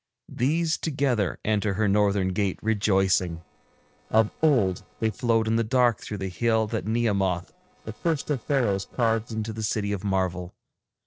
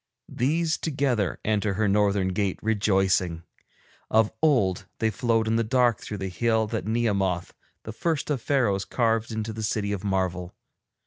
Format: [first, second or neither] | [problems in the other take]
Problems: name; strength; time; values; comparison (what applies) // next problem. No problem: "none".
second | noise reduction (neural separator model SepFormer DNS4)